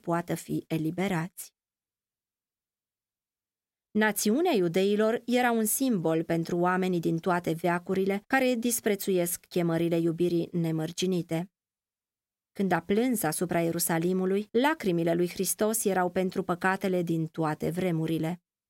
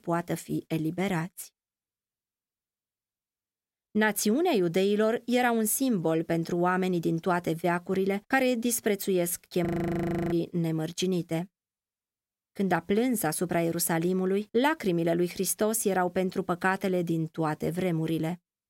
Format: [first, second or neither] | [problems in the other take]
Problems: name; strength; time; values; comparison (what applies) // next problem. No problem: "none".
first | audio freezing; at 9.5 s for 0.5 s